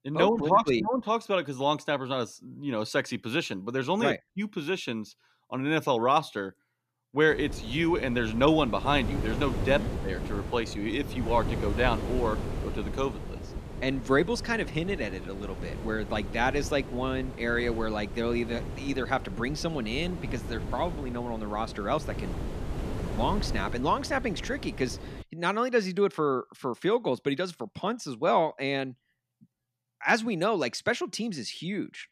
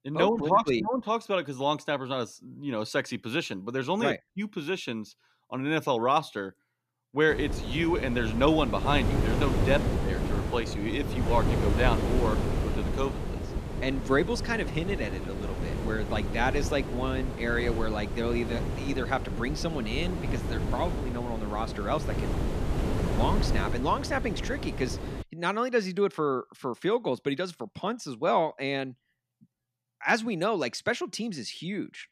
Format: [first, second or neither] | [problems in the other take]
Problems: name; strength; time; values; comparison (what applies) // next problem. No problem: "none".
first | wind noise on the microphone; heavy; from 7.5 to 25 s; 8 dB below the speech; occasional gusts in the first